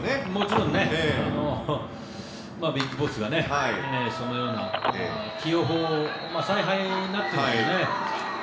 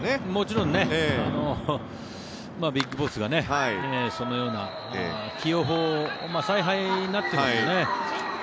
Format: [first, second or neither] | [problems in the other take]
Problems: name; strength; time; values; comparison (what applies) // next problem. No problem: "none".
second | background sound (Telephone); 13 dB below the speech // room echo; dies away in 0.7 s